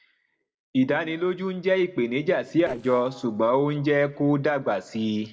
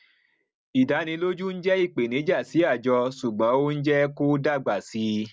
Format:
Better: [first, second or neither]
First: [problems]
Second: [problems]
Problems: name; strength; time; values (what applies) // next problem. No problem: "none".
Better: second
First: noise reduction (neural separator model SepFormer DNS4)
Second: none